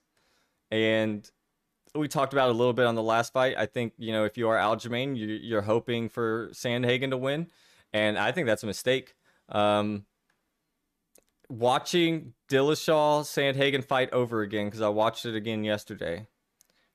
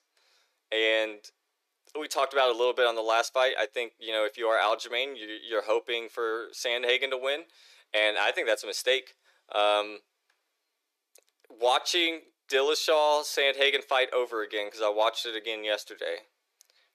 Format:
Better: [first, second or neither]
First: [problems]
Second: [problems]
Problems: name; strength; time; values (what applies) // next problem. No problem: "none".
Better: first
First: none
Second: thin; very; fading below 400 Hz